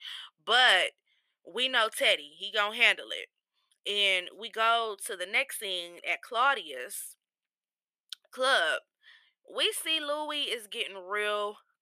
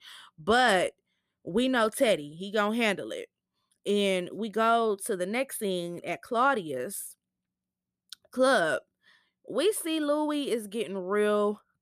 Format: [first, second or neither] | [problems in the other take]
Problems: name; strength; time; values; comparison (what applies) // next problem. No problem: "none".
second | thin; very; fading below 650 Hz